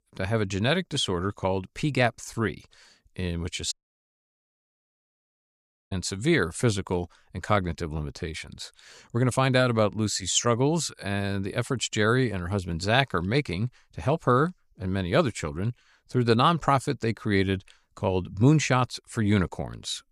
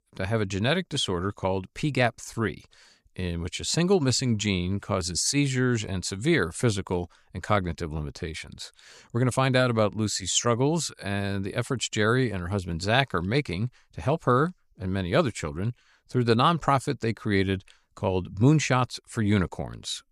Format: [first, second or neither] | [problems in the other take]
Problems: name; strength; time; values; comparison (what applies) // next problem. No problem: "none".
second | audio cutting out; at 3.5 s for 2 s